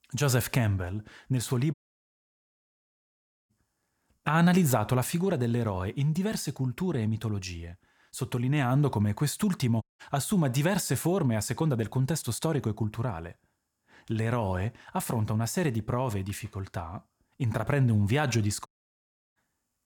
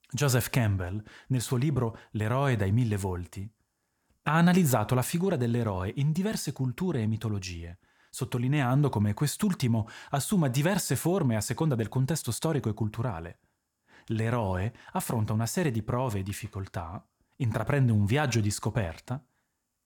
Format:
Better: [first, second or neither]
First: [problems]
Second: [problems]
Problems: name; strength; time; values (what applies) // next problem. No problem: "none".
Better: second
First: audio cutting out; at 1.5 s for 2 s, at 10 s and at 19 s for 0.5 s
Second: none